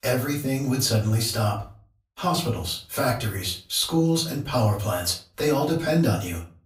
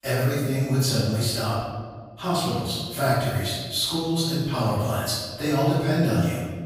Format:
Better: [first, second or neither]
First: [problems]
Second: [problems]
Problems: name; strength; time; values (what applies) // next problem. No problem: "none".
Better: first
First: room echo; slight; dies away in 0.3 s // off-mic speech; far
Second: room echo; strong; dies away in 1.4 s // off-mic speech; far